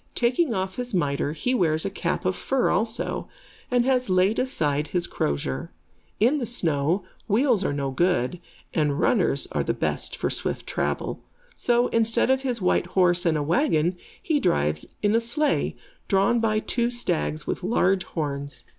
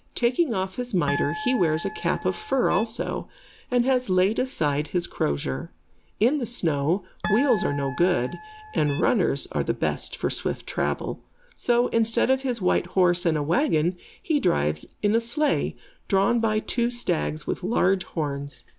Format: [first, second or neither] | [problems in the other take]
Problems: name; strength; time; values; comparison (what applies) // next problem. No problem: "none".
first | background sound (Harp); 9 dB below the speech